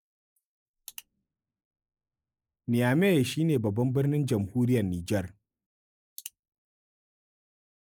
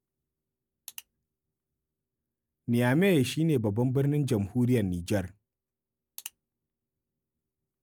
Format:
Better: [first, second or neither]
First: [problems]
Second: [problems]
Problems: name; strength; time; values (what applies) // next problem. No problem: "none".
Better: second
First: noise reduction (neural mask model Resemble Enhance denoiser)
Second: none